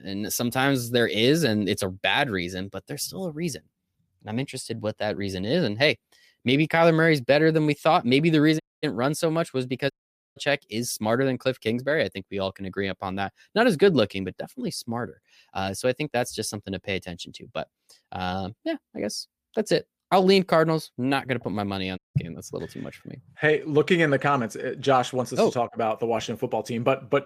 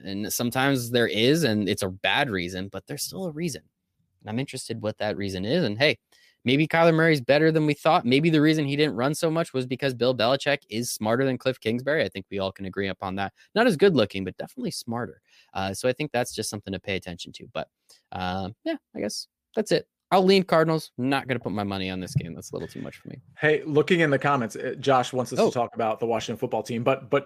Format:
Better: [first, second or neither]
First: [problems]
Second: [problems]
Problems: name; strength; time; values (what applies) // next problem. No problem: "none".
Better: second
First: audio cutting out; at 8.5 s, at 10 s and at 22 s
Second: none